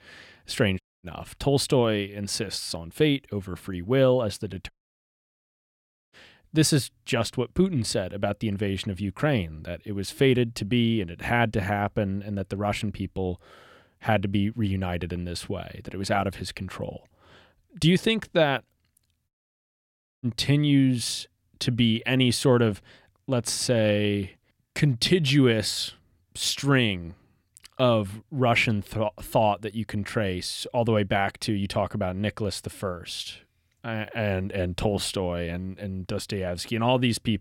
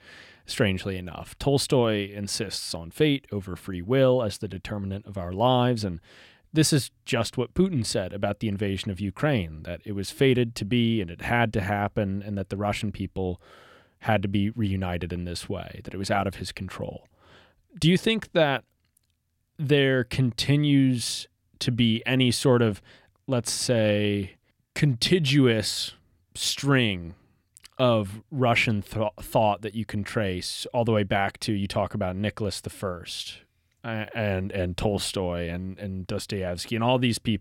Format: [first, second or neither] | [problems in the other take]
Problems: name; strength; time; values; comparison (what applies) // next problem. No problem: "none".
second | audio cutting out; at 1 s, at 4.5 s for 1.5 s and at 19 s for 1 s